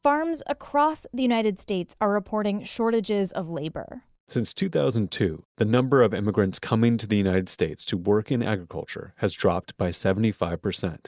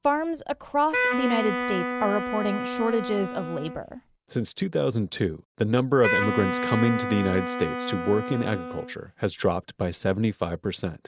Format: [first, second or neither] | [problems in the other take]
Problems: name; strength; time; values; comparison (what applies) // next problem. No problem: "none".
first | background sound (Wind instrument, woodwind instrument); 4 dB below the speech